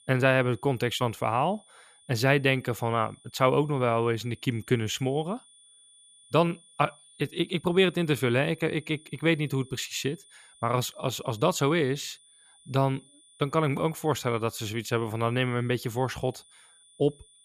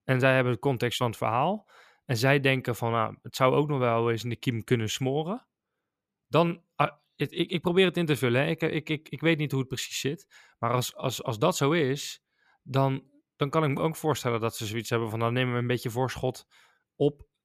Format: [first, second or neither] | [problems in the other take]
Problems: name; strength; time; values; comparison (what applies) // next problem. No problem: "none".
second | high-pitched whine; faint; throughout; 9.5 kHz, 25 dB below the speech